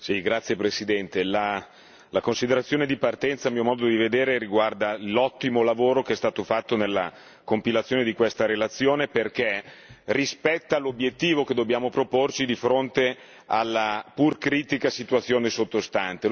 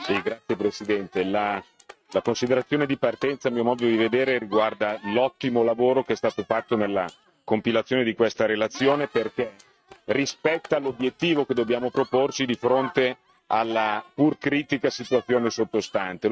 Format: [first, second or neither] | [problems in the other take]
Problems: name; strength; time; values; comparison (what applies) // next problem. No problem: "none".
first | noise reduction (neural mask model RNNoise)